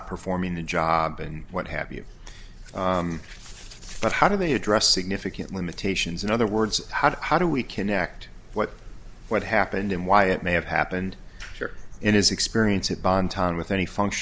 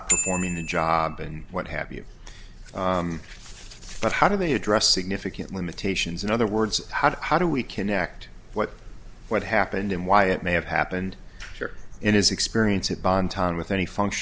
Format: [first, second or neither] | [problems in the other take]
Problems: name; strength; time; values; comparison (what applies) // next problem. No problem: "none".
first | background sound (Bicycle bell); 7 dB below the speech